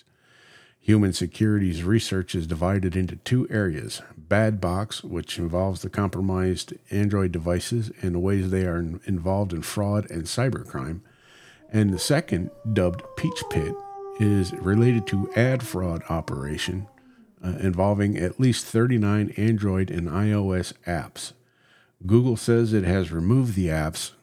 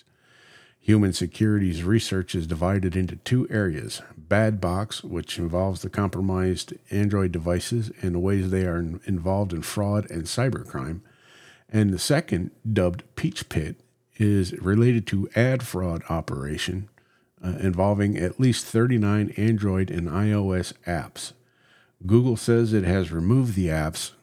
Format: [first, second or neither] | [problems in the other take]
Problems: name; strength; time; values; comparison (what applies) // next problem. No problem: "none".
second | dog barking; noticeable; from 12 to 17 s; peak 8 dB below the speech